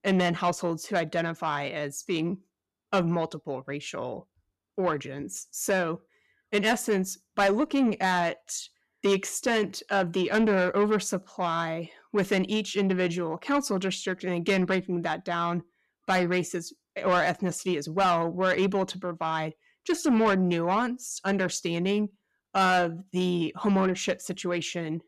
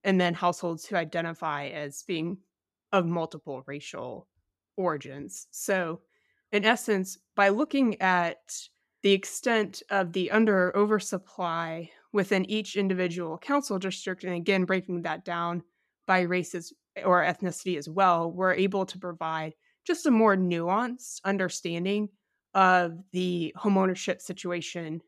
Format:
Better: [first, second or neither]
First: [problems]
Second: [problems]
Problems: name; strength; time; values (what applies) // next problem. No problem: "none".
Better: second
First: distortion; slight; 10 dB below the speech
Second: none